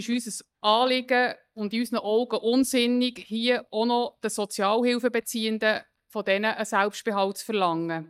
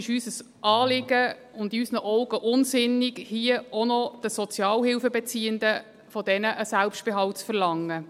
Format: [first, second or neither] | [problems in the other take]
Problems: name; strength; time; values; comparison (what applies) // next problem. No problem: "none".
second | noise reduction (neural mask model DeepFilterNet 3)